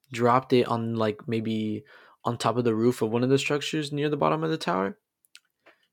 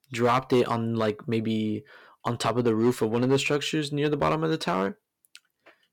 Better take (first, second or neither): first